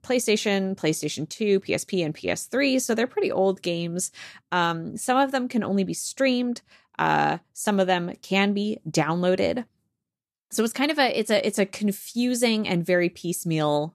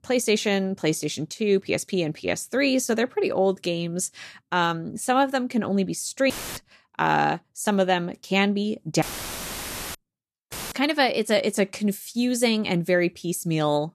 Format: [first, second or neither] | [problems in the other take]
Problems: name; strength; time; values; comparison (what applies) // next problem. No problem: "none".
first | audio cutting out; filled with static; at 6.5 s, at 9 s for 1 s and at 11 s